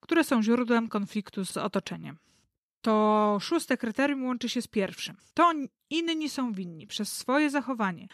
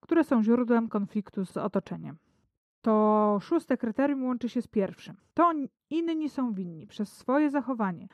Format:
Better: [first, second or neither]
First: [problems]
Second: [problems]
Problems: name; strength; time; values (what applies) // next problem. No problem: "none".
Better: first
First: none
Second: muffled; very; fading above 2 kHz